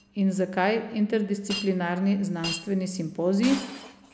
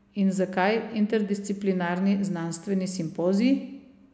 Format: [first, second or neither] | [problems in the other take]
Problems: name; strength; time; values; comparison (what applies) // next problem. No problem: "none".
second | background sound (Shatter); 14 dB below the speech